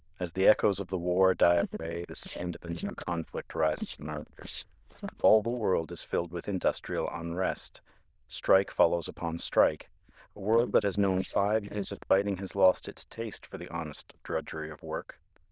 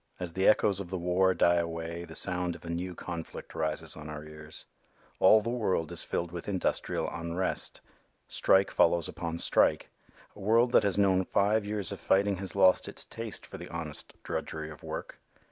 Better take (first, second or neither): second